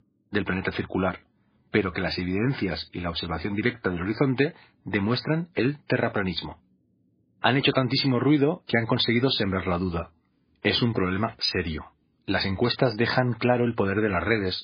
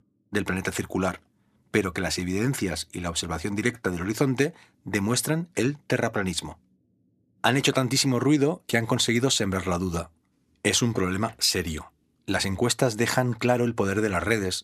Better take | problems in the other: second | garbled, watery; badly; nothing above 5 kHz

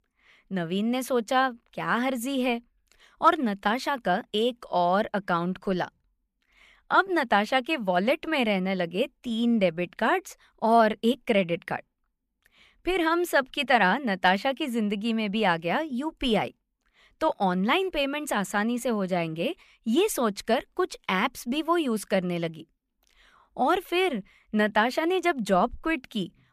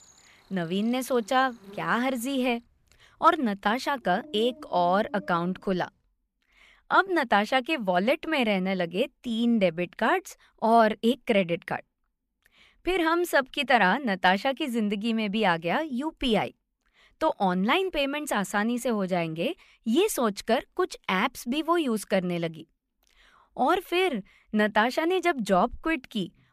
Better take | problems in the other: first | animal sounds; faint; until 5.5 s; 25 dB below the speech

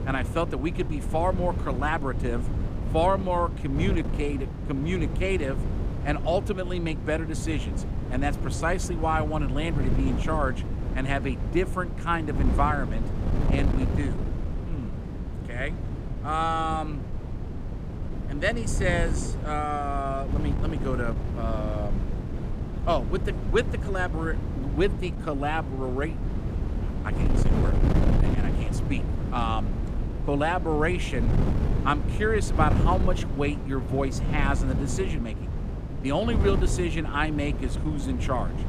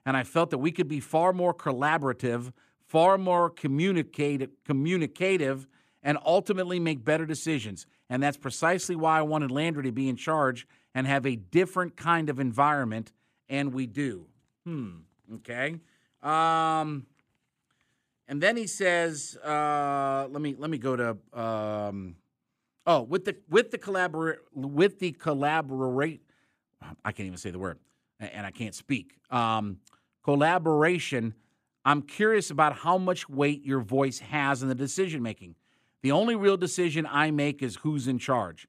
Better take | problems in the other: second | wind noise on the microphone; heavy; 9 dB below the speech

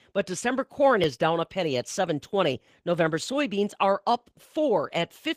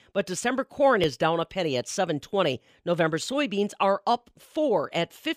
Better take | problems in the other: second | garbled, watery; slightly; nothing above 15 kHz

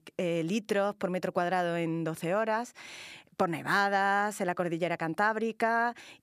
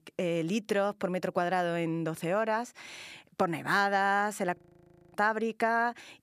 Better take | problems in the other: first | audio freezing; at 4.5 s for 0.5 s

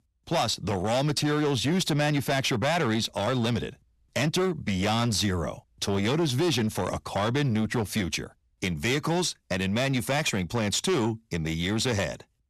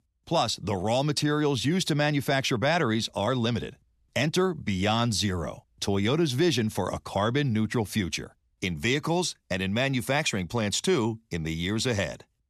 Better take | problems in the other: second | distortion; slight; 13% of the sound clipped

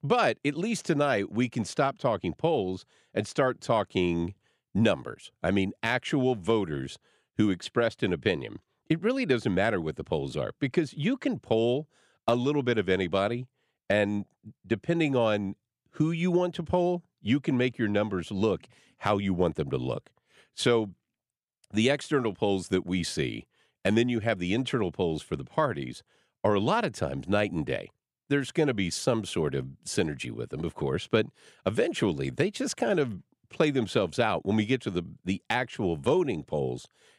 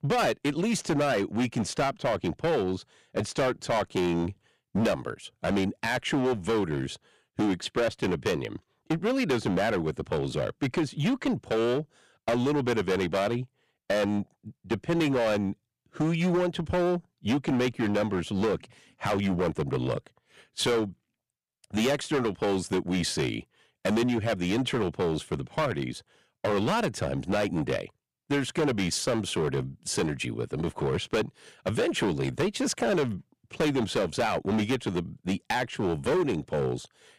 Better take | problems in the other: first | distortion; heavy; 13% of the sound clipped

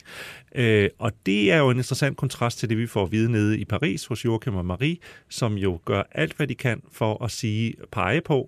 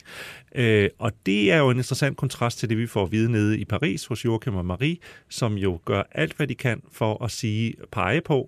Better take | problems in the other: neither | none

